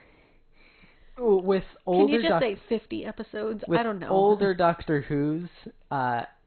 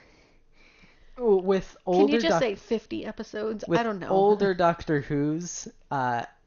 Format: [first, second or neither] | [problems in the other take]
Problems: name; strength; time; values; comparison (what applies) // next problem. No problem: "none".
second | garbled, watery; badly; nothing above 4 kHz; slightly in the second